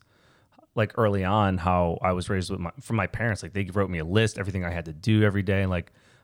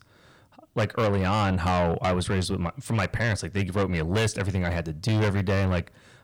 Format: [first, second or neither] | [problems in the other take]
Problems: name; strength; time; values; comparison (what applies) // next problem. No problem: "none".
first | distortion; heavy; 7 dB below the speech